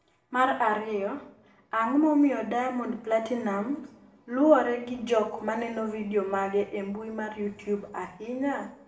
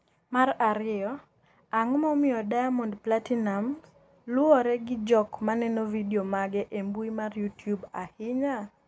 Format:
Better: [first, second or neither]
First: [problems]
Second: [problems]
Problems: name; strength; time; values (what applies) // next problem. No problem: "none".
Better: second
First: room echo; dies away in 0.5 s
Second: none